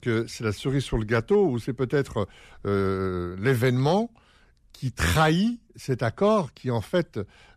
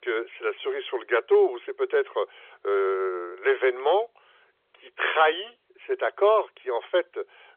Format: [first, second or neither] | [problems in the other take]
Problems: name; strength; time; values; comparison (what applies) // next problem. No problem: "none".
first | phone-call audio; nothing above 3.5 kHz